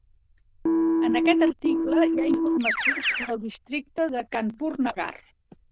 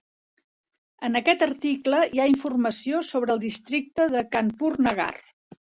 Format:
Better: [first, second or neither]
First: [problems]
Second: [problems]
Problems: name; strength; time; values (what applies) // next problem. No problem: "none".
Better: second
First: noise reduction (neural diffusion model UNIVERSE++)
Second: none